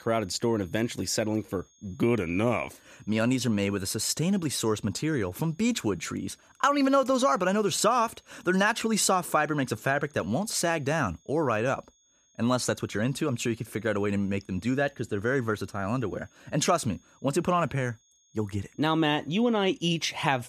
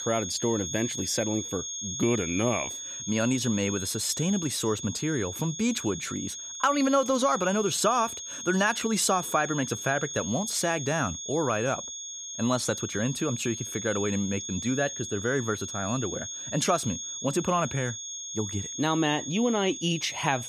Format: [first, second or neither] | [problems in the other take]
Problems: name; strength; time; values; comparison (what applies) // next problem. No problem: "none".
first | high-pitched whine; loud; throughout; 6.5 kHz, 6 dB below the speech; faint in the first